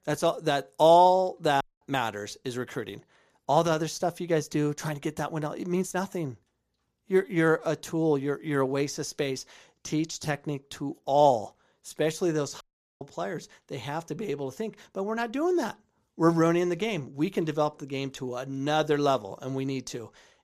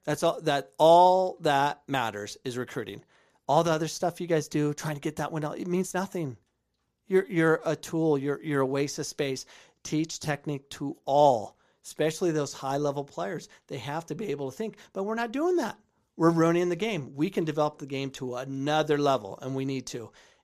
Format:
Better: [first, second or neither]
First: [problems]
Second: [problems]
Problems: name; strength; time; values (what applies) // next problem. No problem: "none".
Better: second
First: audio cutting out; at 1.5 s and at 13 s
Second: none